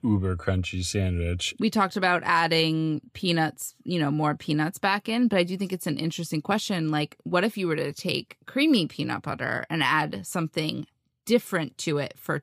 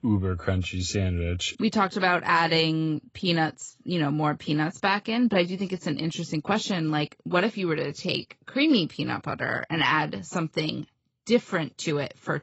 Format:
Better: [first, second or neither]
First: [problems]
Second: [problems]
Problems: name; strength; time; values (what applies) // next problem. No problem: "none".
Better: first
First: none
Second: garbled, watery; badly; nothing above 7.5 kHz